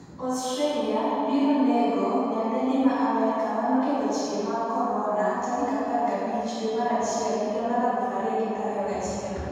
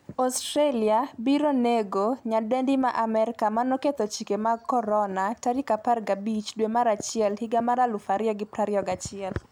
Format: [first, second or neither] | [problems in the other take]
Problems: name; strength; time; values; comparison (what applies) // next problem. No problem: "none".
second | room echo; dies away in 2.1 s